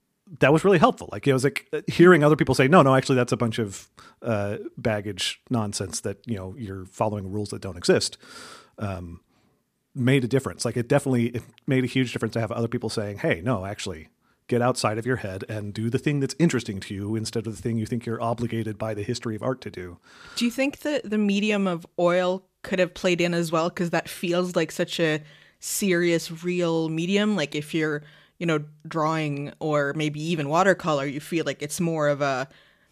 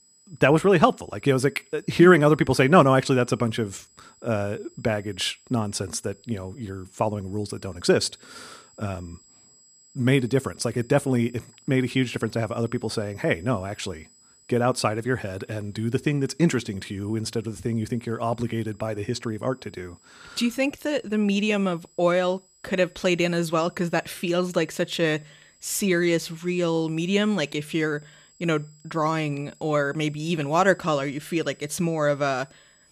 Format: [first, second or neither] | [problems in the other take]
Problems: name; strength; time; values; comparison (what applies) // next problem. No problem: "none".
first | high-pitched whine; faint; throughout; 7.5 kHz, 30 dB below the speech